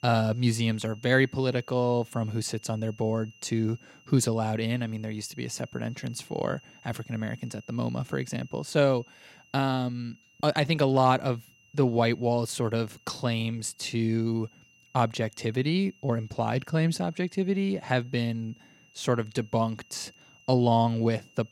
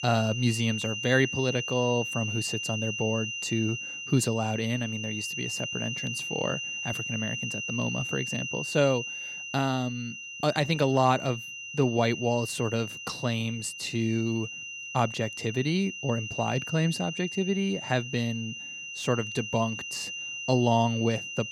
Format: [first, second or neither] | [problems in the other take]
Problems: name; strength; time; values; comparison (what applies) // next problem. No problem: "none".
first | high-pitched whine; loud; throughout; 3 kHz, 5 dB below the speech; faint in the first